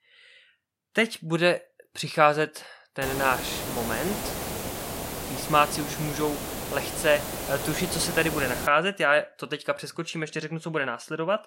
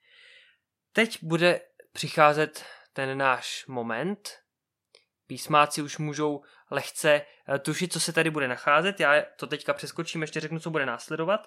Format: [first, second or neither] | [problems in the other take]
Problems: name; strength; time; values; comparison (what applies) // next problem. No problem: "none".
second | hiss; loud; from 3 to 8.5 s; 6 dB below the speech